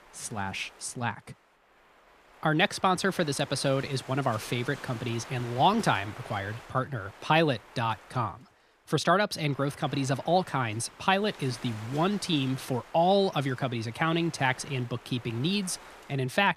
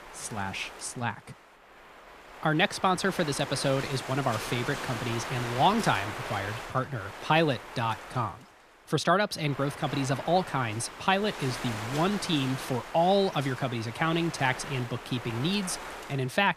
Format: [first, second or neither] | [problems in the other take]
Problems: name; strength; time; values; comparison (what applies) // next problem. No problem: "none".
first | wind noise on the microphone; heavy; 9 dB below the speech; occasional gusts in the first